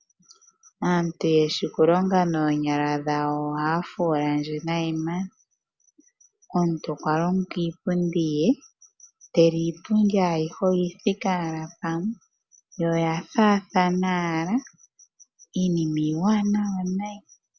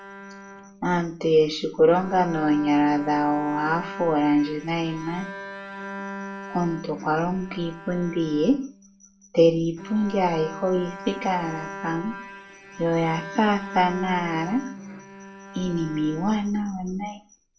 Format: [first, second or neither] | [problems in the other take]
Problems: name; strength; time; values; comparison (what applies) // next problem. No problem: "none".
first | background sound (Bowed string instrument); 14 dB below the speech // room echo; dies away in 0.3 s